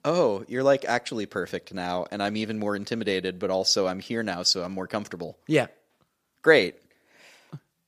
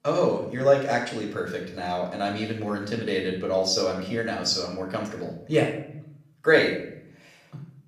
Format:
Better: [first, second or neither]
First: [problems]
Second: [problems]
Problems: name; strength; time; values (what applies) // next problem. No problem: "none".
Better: first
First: none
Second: off-mic speech; somewhat distant // room echo; noticeable; dies away in 0.7 s